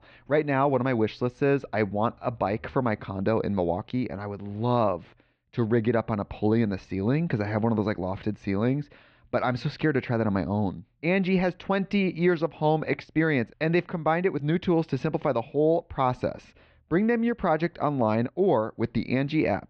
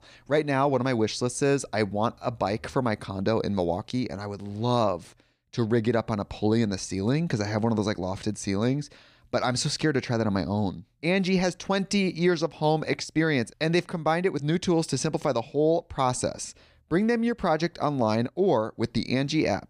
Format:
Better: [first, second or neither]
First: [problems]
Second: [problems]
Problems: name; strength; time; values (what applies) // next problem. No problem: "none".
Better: second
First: muffled; very; fading above 3 kHz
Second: none